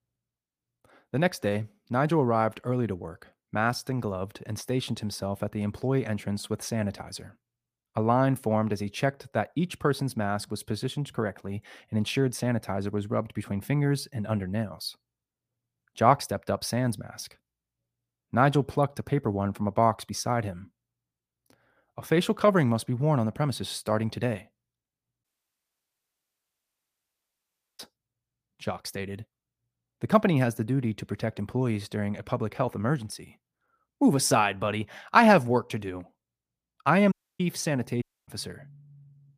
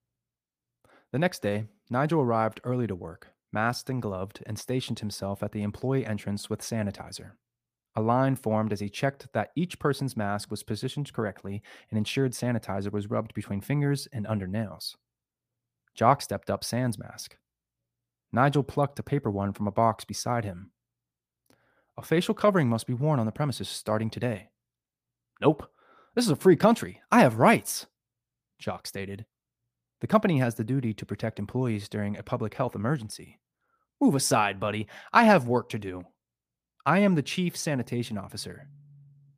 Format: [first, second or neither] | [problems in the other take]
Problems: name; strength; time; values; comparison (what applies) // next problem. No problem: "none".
second | audio cutting out; at 25 s for 2.5 s, at 37 s and at 38 s